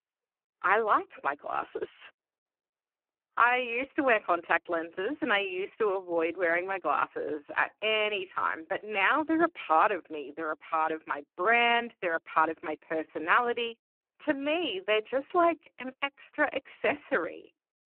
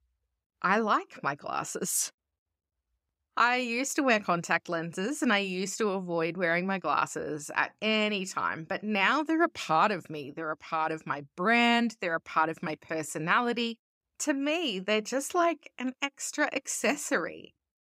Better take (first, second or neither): second